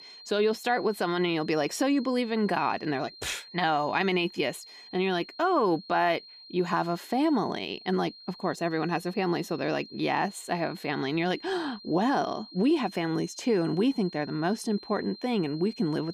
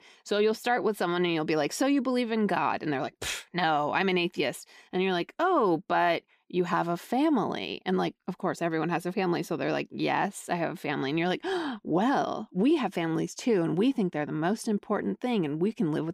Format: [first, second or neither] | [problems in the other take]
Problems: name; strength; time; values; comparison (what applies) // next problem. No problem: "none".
second | high-pitched whine; noticeable; throughout; 4 kHz, 20 dB below the speech